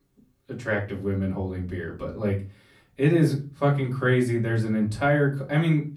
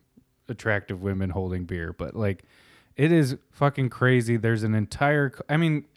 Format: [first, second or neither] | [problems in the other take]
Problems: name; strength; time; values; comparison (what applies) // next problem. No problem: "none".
second | off-mic speech; far // room echo; very slight; dies away in 0.3 s